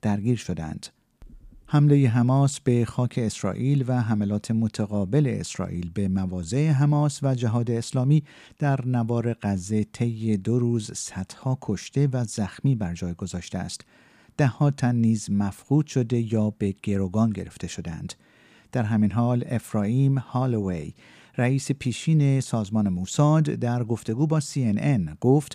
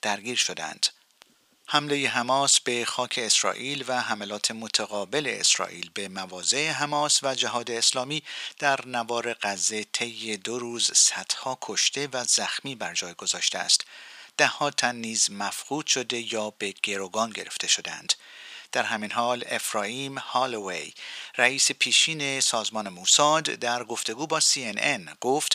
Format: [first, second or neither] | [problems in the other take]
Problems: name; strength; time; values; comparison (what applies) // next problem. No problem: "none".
first | thin; very; fading below 800 Hz